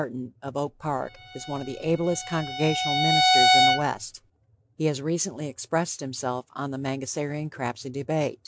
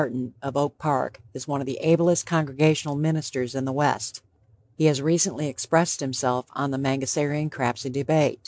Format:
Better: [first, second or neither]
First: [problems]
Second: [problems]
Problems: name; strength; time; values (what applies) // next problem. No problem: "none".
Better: second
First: background sound (Bowed string instrument); 5 dB above the speech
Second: none